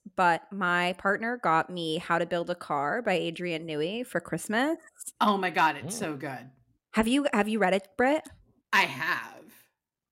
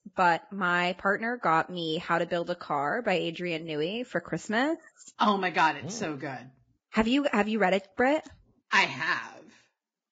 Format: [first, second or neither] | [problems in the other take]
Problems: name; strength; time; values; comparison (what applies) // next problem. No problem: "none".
first | garbled, watery; badly; nothing above 7.5 kHz